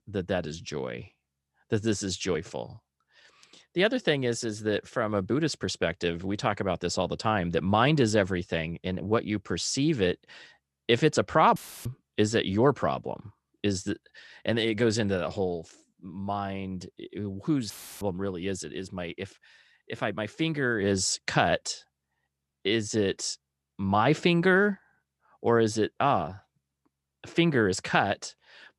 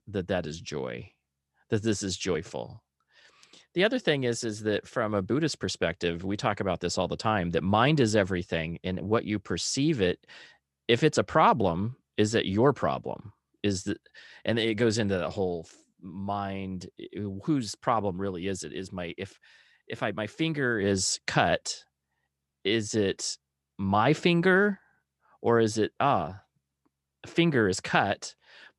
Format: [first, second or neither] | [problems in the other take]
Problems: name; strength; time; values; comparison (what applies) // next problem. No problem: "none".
second | audio cutting out; filled with static; at 12 s and at 18 s